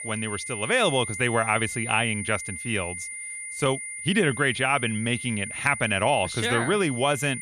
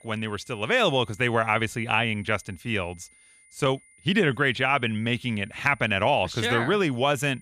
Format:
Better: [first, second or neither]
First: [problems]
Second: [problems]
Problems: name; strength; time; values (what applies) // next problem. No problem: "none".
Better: second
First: high-pitched whine; loud; throughout; 2 kHz, 8 dB below the speech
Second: high-pitched whine; faint; throughout; 2 kHz, 30 dB below the speech